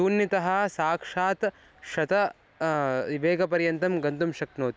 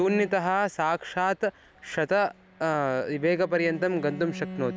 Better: first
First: none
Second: background sound (Bowed string instrument); 16 dB below the speech

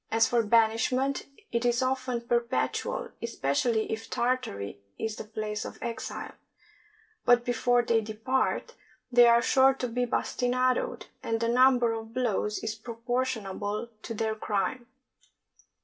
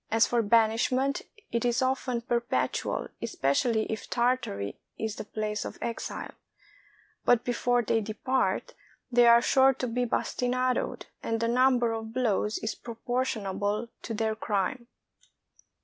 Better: second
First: room echo; dies away in 0.2 s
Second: none

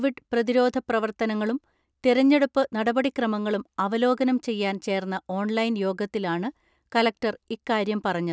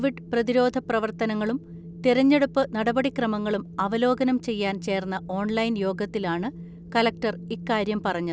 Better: first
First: none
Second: background sound (Wind); 15 dB below the speech

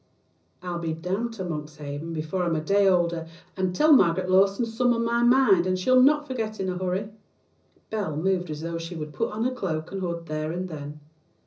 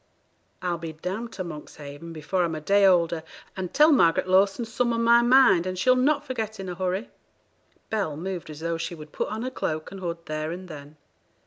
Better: second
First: room echo; dies away in 0.5 s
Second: none

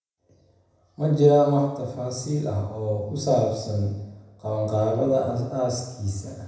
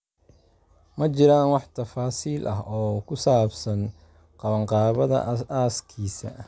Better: second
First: room echo; dies away in 0.9 s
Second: none

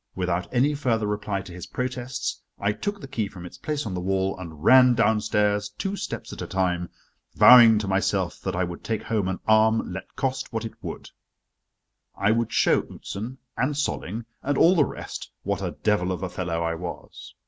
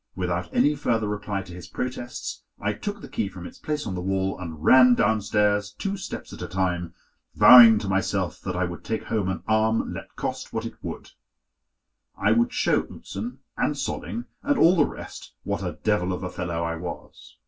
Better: first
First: none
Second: room echo; dies away in 0.1 s

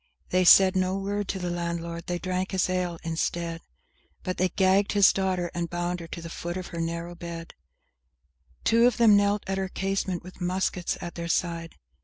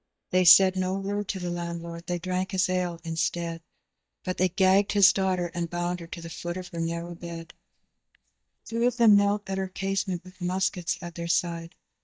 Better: first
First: none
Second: noise reduction (neural mask model DeepFilterNet 3)

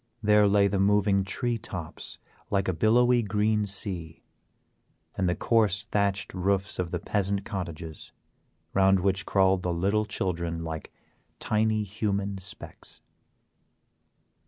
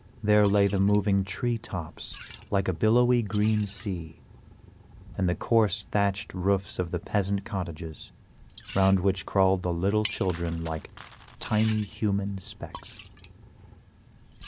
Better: first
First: none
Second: background sound (Coin (dropping) + Liquid); 19 dB below the speech

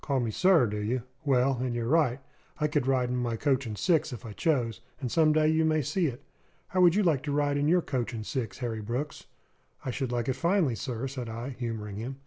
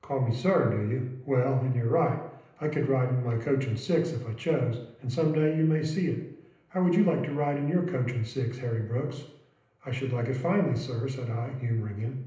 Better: first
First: none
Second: room echo; dies away in 0.8 s

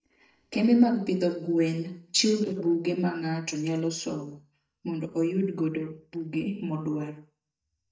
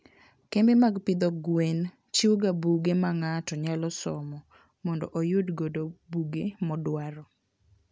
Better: second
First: noise reduction (neural mask model DeepFilterNet 3)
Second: none

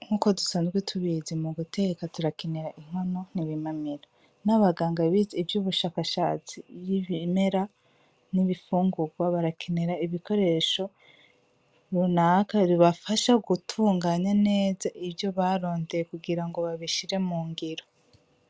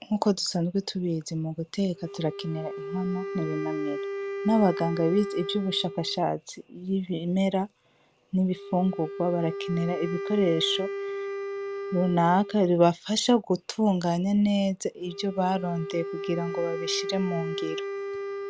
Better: first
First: none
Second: background sound (Wind instrument, woodwind instrument); 9 dB below the speech

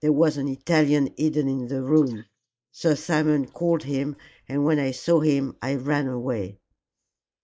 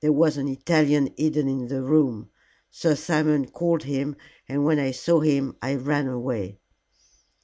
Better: second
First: noise reduction (neural mask model Resemble Enhance denoiser)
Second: none

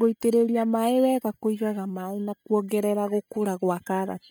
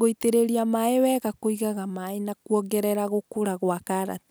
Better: second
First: noise reduction (neural mask model DeepFilterNet 3)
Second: none

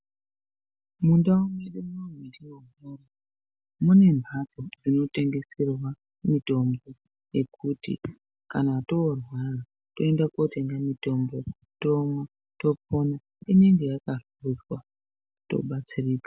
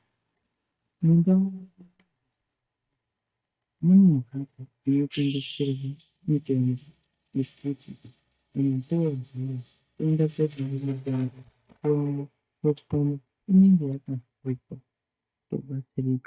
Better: first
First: none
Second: noise reduction (neural mask model DeepFilterNet 3)

